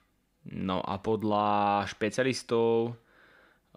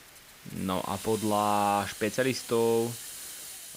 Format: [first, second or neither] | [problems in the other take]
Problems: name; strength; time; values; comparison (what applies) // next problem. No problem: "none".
first | hiss; noticeable; throughout; 10 dB below the speech